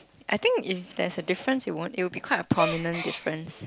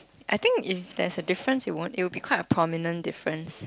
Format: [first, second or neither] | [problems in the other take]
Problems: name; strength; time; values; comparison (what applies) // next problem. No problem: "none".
second | background sound (Gasp); 5 dB below the speech